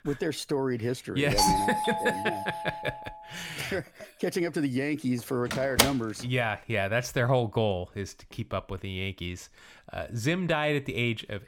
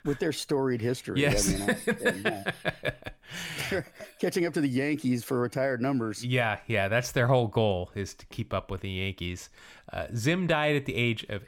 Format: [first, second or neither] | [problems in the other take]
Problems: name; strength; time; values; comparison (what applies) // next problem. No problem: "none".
second | doorbell; loud; from 1.5 to 3 s; peak 5 dB above the speech // door banging; loud; at 5.5 s; peak 5 dB above the speech